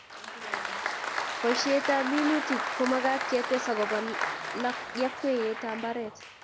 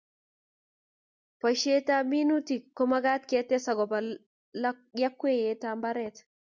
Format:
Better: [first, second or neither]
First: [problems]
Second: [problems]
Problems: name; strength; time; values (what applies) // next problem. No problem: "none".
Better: second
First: background sound (Applause); 3 dB below the speech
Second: none